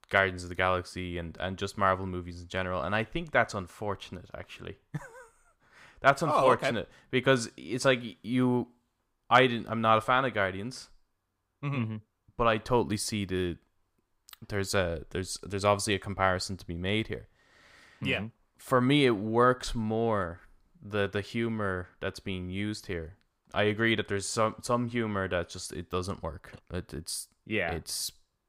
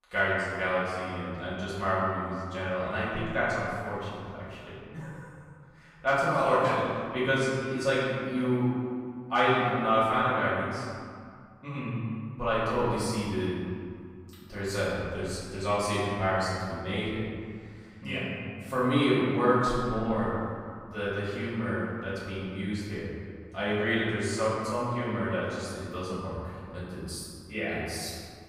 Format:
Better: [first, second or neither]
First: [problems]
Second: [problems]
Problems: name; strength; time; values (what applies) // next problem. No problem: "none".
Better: first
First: none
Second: off-mic speech; far // room echo; strong; dies away in 2 s